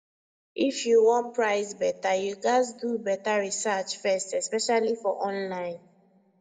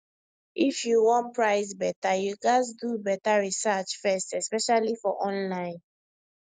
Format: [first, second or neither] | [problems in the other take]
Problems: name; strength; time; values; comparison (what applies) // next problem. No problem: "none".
second | room echo; dies away in 0.5 s